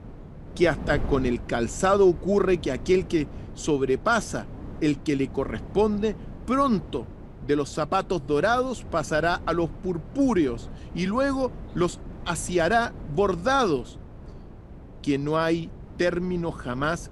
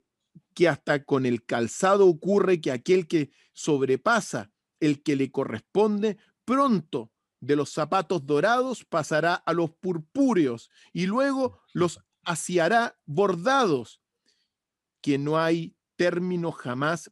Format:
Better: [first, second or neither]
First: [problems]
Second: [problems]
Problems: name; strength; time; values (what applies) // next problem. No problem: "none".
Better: second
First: wind noise on the microphone; occasional gusts; 20 dB below the speech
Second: none